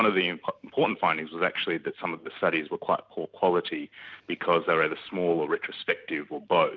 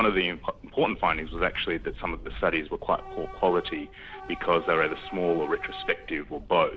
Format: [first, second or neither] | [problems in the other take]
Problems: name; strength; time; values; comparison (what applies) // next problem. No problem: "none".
first | background sound (Subway, metro, underground / Train); 14 dB below the speech